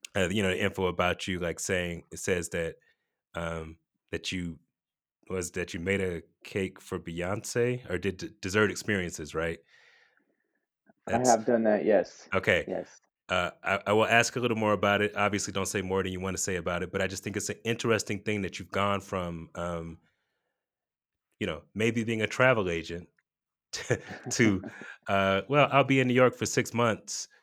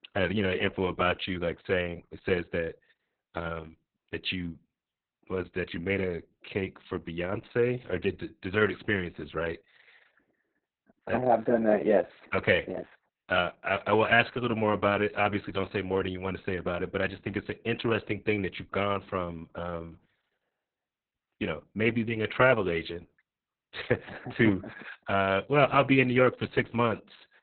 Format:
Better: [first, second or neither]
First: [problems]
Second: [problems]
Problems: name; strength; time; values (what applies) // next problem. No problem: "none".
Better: first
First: none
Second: garbled, watery; badly; nothing above 4 kHz